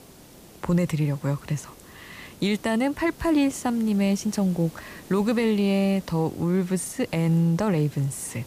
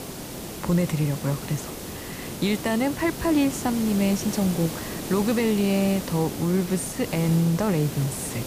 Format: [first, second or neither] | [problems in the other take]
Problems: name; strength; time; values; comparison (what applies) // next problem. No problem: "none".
first | hiss; loud; throughout; 9 dB below the speech; faint in the first